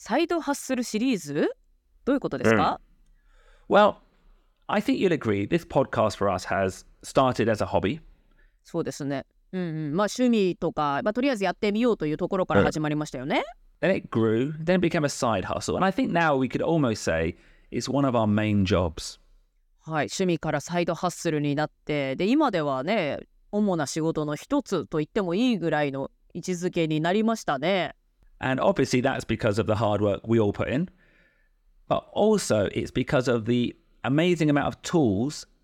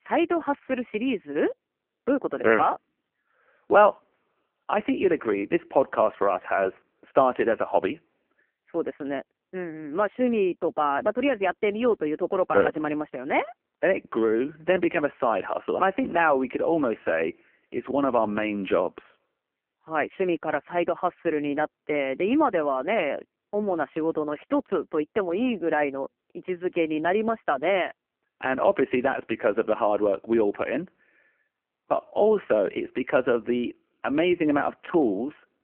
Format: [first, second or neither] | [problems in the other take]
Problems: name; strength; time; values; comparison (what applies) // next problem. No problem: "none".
first | phone-call audio; poor line